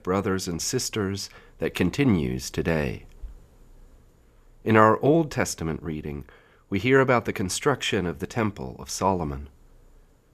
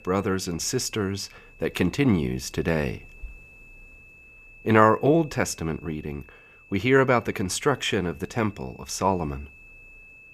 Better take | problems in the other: first | high-pitched whine; faint; throughout; 2.5 kHz, 25 dB below the speech

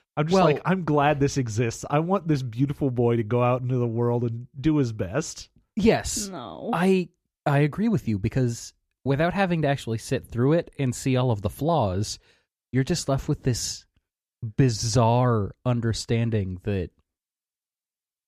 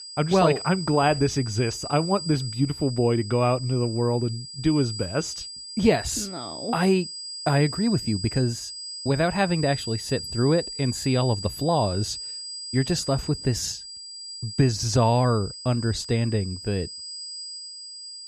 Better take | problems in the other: first | high-pitched whine; loud; throughout; 5 kHz, 9 dB below the speech

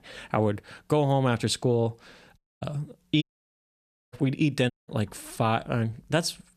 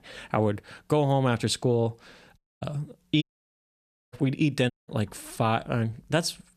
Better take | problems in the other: neither | audio cutting out; at 2.5 s, at 3 s for 1 s and at 4.5 s; the same in both

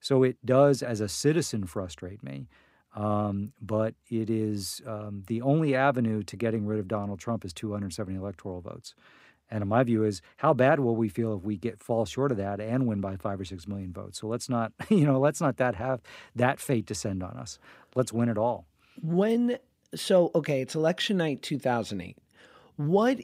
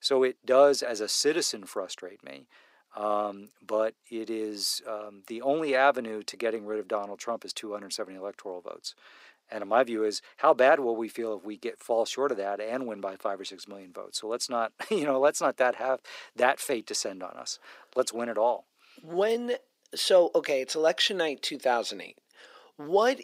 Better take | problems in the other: first | thin; somewhat; fading below 400 Hz

